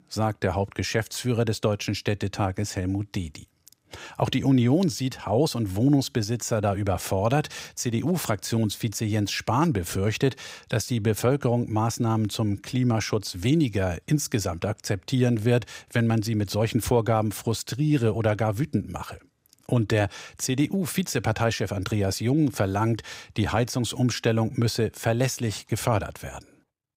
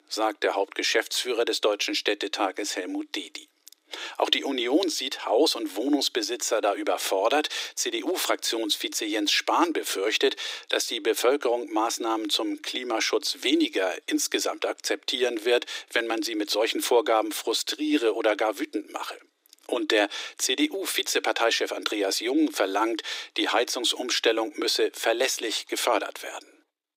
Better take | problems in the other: first | thin; somewhat; fading below 300 Hz

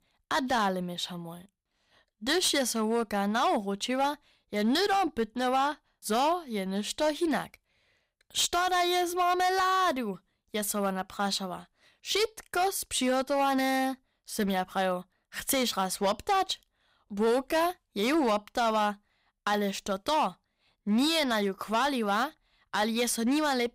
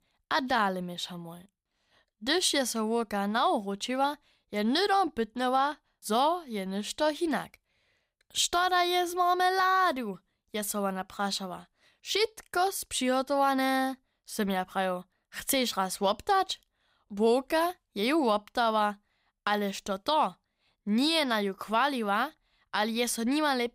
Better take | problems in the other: second | distortion; slight; 7% of the sound clipped

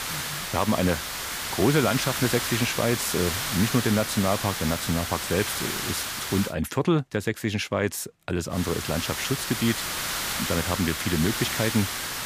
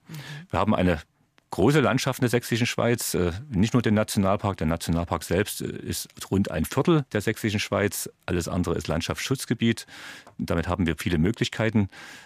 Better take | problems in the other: second | hiss; loud; until 6.5 s and from 8.5 s on; 2 dB below the speech

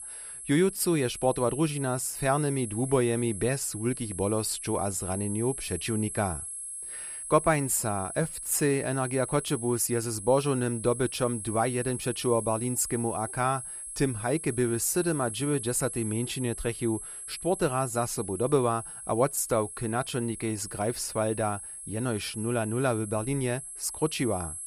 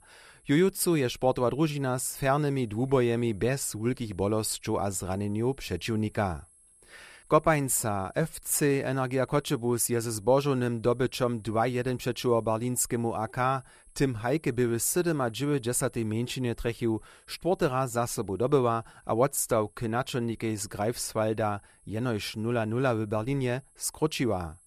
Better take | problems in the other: second | high-pitched whine; loud; throughout; 11 kHz, 8 dB below the speech; faint in the second

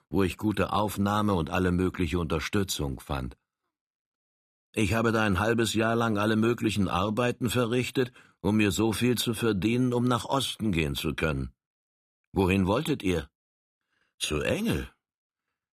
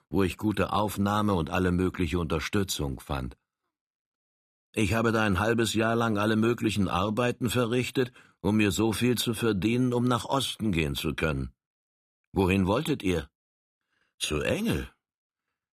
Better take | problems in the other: neither | none

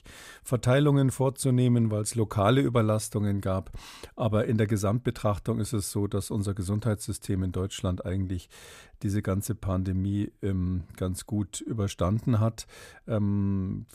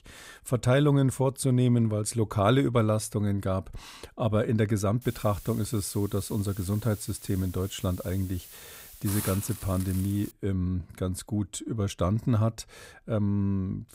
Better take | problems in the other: first | hiss; noticeable; from 5 to 10 s; 15 dB below the speech

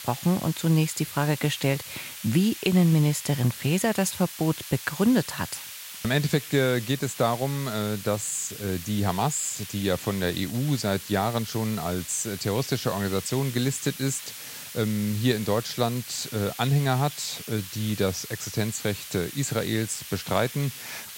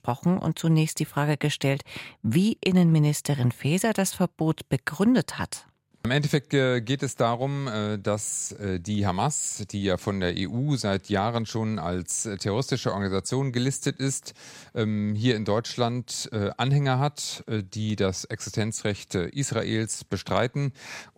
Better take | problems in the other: second | hiss; noticeable; throughout; 10 dB below the speech

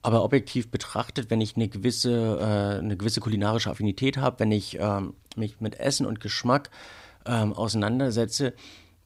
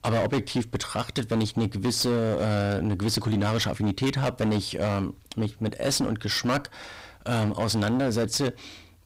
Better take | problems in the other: first | distortion; heavy; 19% of the sound clipped

